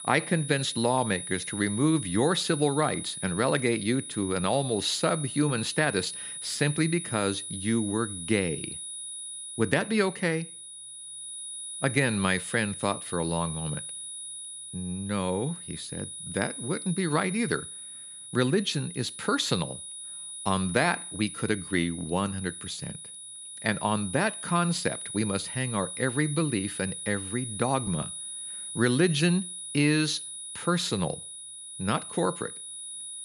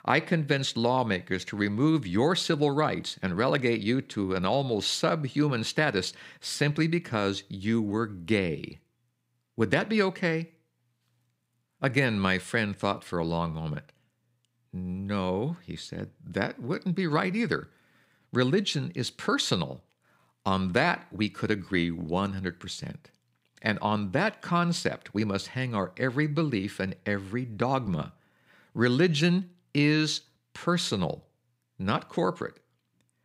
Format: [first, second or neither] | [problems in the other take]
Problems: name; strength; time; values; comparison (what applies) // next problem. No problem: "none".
second | high-pitched whine; loud; throughout; 10 kHz, 8 dB below the speech